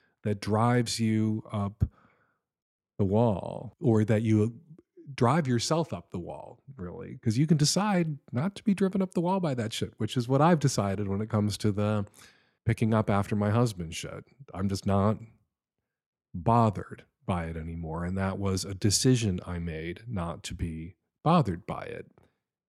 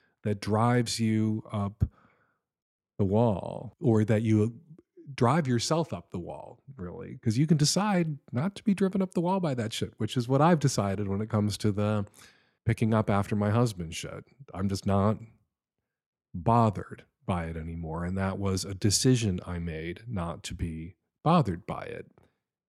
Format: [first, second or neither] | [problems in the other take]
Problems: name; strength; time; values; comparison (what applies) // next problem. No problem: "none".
neither | none